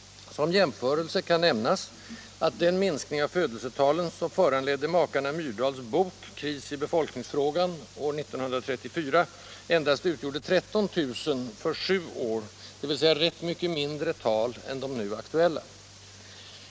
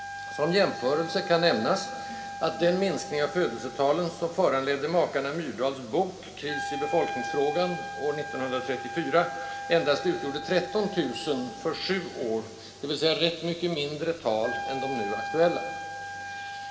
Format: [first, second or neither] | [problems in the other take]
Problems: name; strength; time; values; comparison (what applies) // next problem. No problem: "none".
first | background sound (Wind instrument, woodwind instrument); 10 dB below the speech // room echo; dies away in 2.1 s